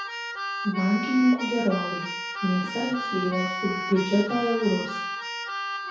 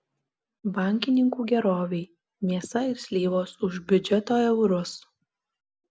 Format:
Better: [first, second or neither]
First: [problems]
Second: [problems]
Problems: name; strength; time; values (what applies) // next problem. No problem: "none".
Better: second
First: background sound (Keyboard (musical)); 5 dB below the speech // room echo; dies away in 0.6 s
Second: none